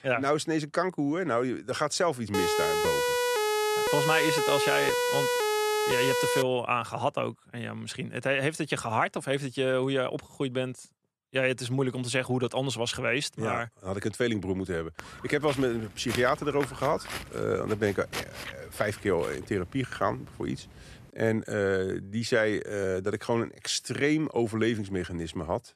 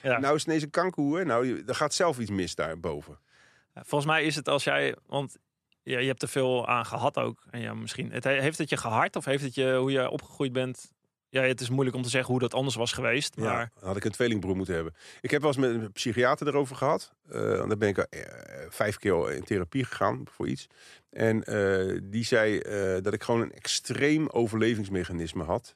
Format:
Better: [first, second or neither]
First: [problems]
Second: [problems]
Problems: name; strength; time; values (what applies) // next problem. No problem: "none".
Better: second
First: siren; loud; from 2.5 to 6.5 s; peak 3 dB above the speech // footsteps; noticeable; from 15 to 21 s; peak 6 dB below the speech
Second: none